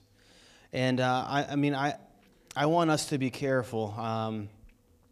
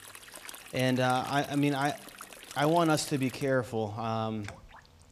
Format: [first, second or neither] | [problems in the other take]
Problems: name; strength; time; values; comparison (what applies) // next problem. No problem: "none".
first | rain or running water; noticeable; throughout; 15 dB below the speech